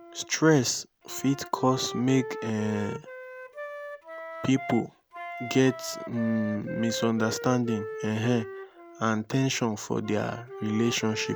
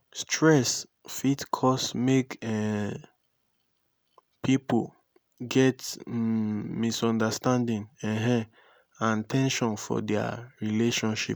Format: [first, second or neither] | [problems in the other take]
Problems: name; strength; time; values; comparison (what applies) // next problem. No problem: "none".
second | background sound (Wind instrument, woodwind instrument); 11 dB below the speech